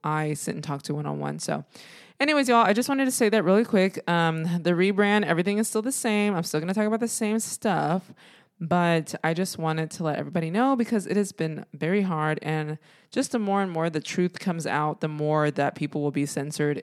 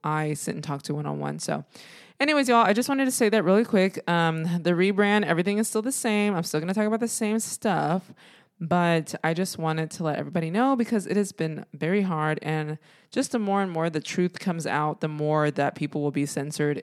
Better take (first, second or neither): neither